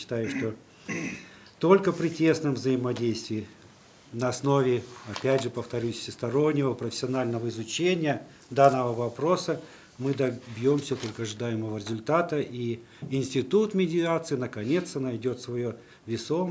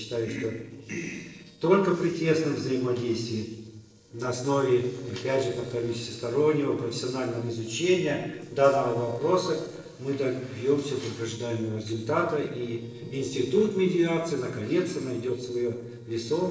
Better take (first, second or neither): first